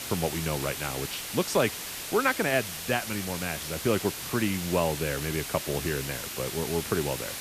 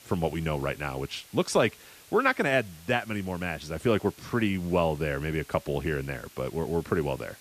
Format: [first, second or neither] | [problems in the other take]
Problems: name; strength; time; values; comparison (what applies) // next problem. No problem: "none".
second | hiss; loud; throughout; 5 dB below the speech; faint in the second